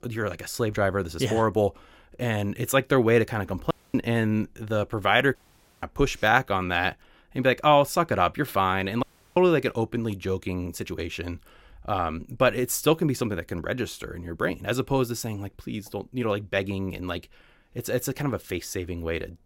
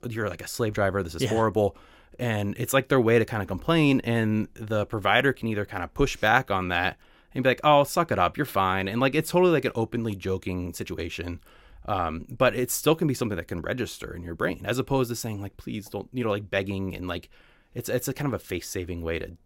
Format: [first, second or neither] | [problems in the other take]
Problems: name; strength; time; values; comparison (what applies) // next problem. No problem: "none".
second | audio cutting out; at 3.5 s, at 5.5 s and at 9 s